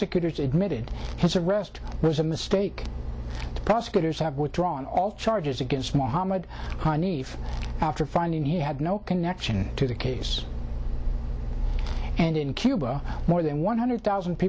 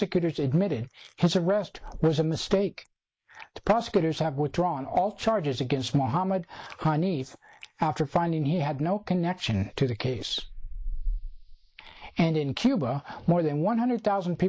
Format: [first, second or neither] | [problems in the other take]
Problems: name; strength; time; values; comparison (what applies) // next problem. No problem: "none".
first | noise reduction (neural mask model Resemble Enhance denoiser)